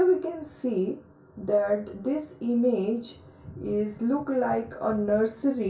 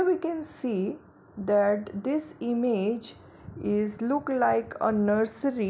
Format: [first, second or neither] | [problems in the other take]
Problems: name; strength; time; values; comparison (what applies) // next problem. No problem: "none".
second | room echo; dies away in 0.2 s